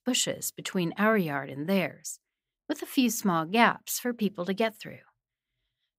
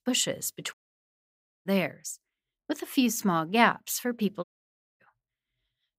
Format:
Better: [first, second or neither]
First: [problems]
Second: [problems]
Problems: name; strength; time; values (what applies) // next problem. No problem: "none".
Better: first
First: none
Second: audio cutting out; at 0.5 s for 1 s and at 4.5 s for 0.5 s